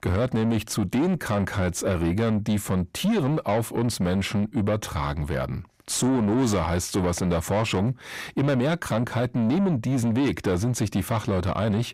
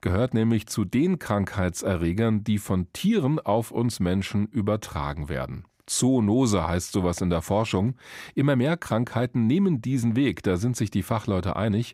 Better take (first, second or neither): second